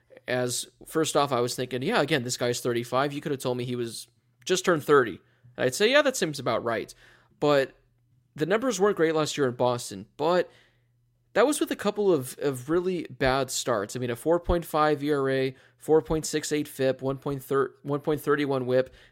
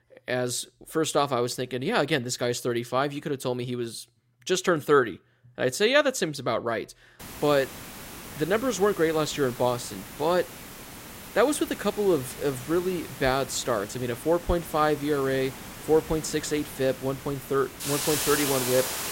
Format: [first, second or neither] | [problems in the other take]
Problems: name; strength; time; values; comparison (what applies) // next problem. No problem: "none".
first | hiss; loud; from 7 s on; 9 dB below the speech